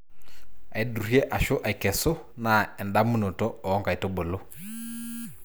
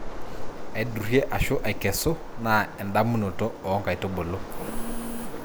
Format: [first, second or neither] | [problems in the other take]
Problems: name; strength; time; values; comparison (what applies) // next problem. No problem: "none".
first | background sound (Waves, surf); 5 dB below the speech